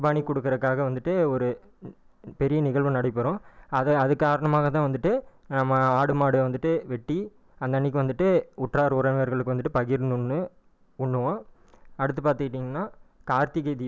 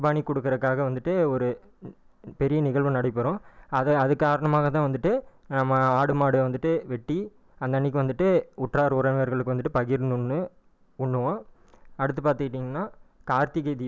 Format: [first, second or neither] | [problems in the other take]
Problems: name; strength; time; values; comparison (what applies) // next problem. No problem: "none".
second | background sound (Brass instrument); 19 dB below the speech